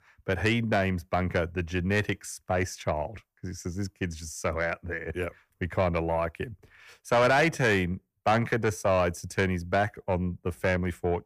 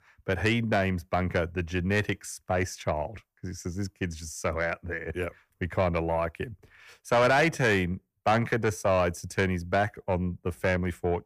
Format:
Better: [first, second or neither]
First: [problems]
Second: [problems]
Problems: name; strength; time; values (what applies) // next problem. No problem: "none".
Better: neither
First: distortion; slight; 10 dB below the speech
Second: distortion; slight; 10 dB below the speech